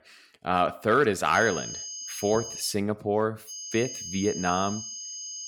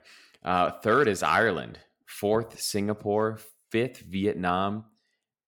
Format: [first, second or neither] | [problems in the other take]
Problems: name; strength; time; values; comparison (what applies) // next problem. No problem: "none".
second | high-pitched whine; loud; from 1.5 to 2.5 s and from 3.5 s on; 6.5 kHz, 9 dB below the speech